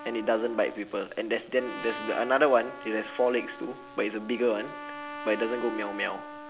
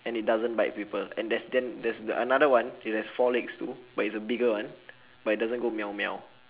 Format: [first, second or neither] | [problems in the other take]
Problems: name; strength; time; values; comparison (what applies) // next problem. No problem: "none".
second | background sound (Trumpet); 12 dB below the speech